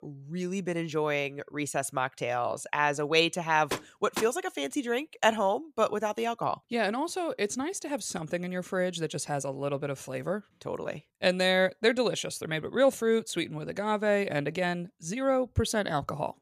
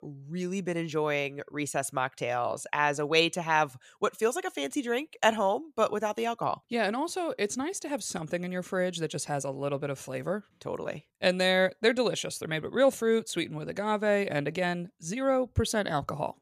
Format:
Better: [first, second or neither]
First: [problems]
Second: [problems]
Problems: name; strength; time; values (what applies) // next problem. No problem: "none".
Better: second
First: door banging; noticeable; at 3.5 s; peak 7 dB below the speech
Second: none